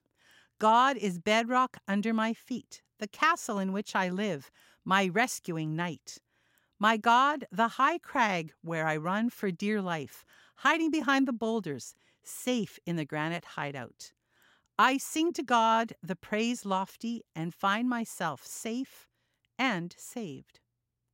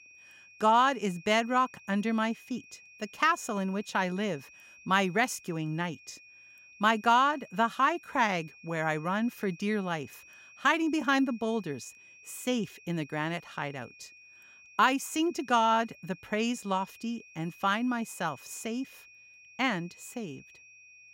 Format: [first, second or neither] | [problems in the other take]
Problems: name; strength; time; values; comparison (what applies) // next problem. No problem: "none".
first | high-pitched whine; faint; throughout; 2.5 kHz, 20 dB below the speech